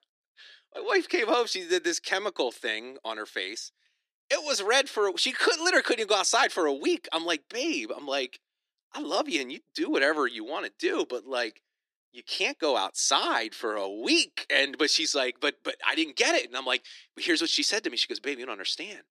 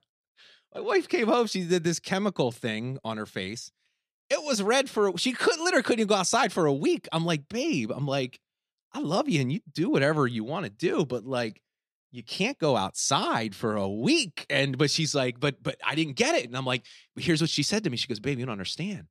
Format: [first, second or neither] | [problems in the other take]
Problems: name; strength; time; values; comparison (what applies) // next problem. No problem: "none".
second | thin; somewhat; fading below 300 Hz